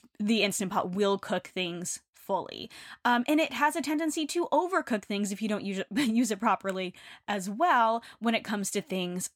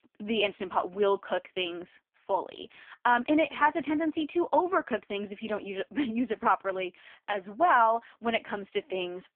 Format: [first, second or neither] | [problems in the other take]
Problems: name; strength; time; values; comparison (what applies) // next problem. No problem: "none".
first | phone-call audio; poor line; nothing above 3.5 kHz